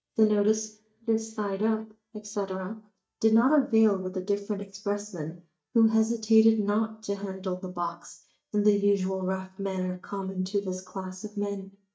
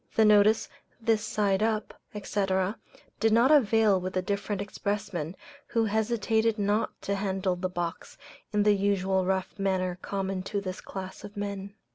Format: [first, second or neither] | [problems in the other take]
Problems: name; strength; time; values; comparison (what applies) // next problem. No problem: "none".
second | noise reduction (neural mask model DeepFilterNet 3)